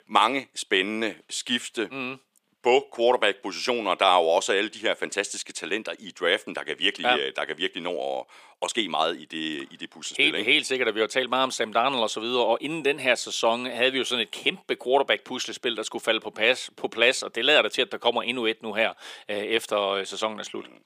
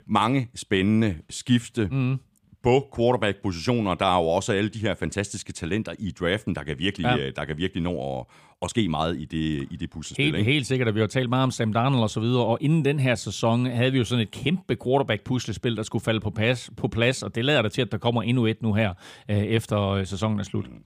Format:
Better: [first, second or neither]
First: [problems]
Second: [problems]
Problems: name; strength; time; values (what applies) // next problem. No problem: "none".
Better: second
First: thin; very; fading below 400 Hz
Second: none